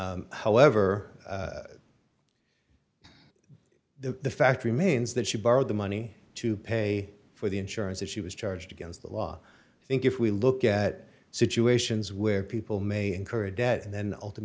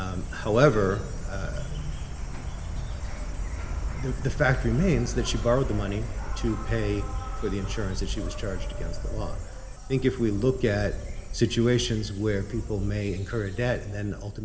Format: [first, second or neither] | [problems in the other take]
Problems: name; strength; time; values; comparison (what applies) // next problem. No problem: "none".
first | background sound (Insect); 4 dB below the speech // room echo; dies away in 1.5 s